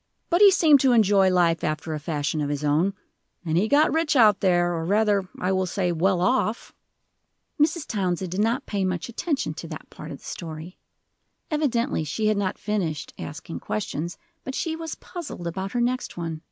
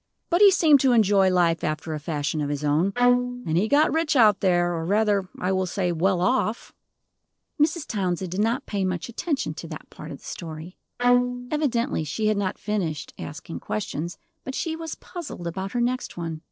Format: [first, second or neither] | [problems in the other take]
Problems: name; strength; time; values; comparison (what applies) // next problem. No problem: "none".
first | noise reduction (neural separator model SepFormer DNS4)